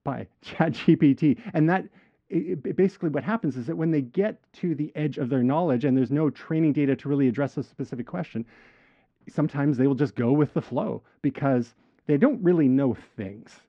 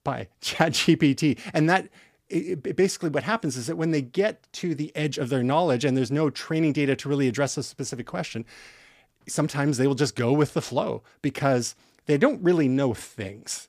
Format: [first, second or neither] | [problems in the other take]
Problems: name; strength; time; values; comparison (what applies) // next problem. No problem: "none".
second | muffled; very; fading above 2 kHz